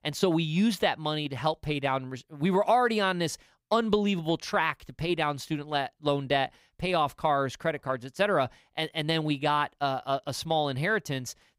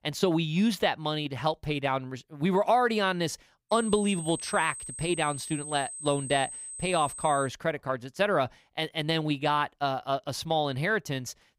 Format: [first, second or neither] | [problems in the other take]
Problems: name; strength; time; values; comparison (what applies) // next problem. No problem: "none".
first | high-pitched whine; loud; from 3.5 to 7.5 s; 8 kHz, 9 dB below the speech